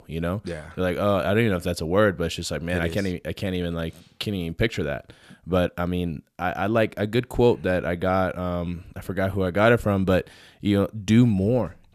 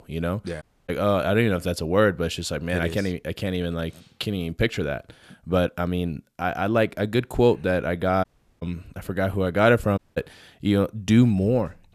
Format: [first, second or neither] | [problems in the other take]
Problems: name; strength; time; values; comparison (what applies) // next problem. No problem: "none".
first | audio cutting out; at 0.5 s, at 8 s and at 10 s